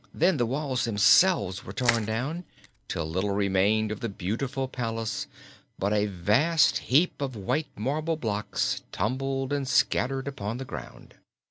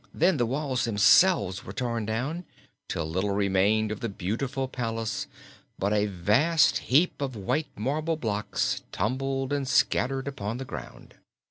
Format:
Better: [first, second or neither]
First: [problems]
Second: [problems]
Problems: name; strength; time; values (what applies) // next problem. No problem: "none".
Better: second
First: background sound (Crushing); 8 dB below the speech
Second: none